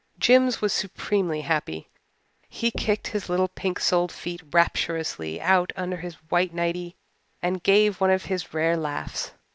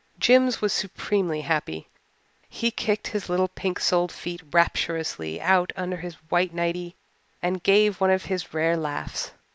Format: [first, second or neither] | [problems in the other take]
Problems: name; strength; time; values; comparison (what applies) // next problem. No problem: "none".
second | noise reduction (neural separator model SepFormer DNS4)